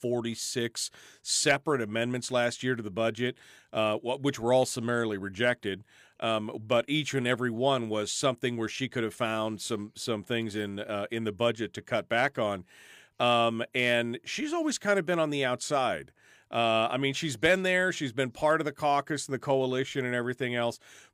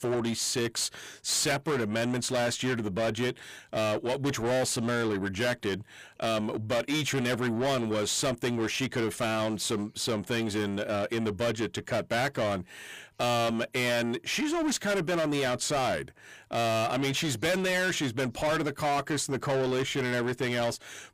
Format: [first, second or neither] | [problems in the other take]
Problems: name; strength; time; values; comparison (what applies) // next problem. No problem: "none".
first | distortion; heavy; 6 dB below the speech